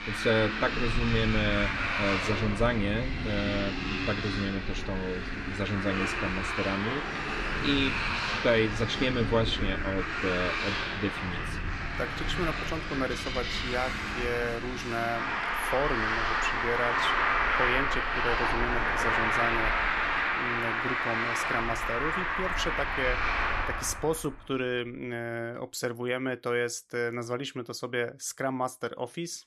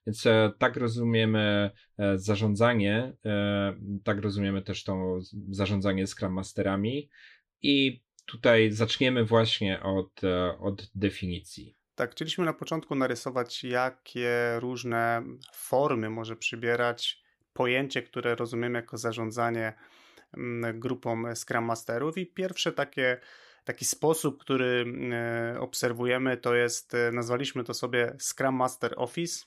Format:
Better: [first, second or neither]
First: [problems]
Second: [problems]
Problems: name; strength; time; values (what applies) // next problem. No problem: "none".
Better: second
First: traffic noise; very loud; until 24 s; 2 dB above the speech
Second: none